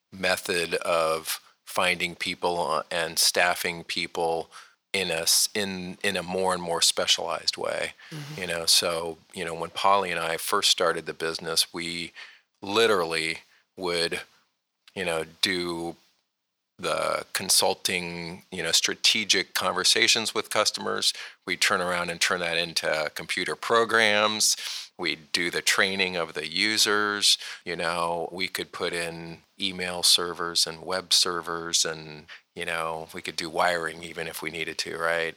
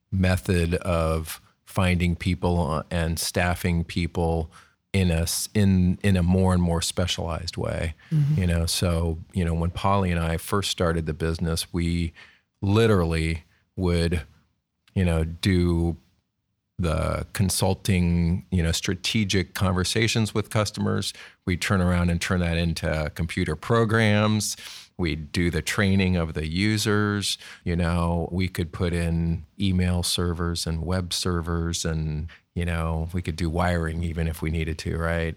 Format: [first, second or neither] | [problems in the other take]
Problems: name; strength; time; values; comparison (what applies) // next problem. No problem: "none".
second | thin; very; fading below 500 Hz